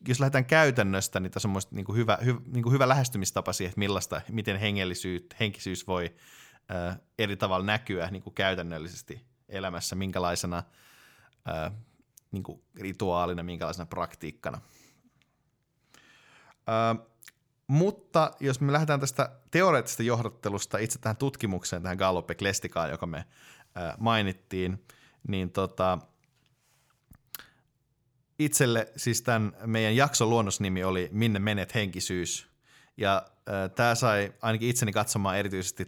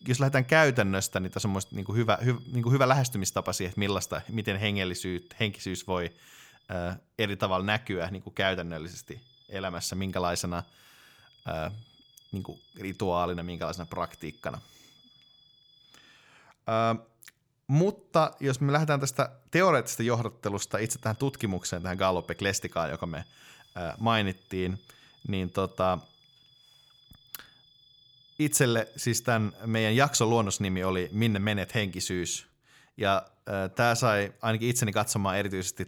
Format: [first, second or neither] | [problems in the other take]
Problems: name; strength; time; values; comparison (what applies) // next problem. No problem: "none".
first | high-pitched whine; faint; until 6.5 s, from 9 to 16 s and from 21 to 32 s; 3.5 kHz, 30 dB below the speech